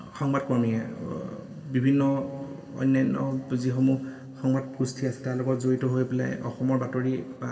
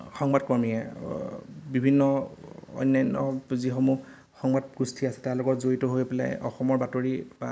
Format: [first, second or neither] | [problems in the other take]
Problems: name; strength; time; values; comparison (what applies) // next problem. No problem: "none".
second | room echo; dies away in 1.8 s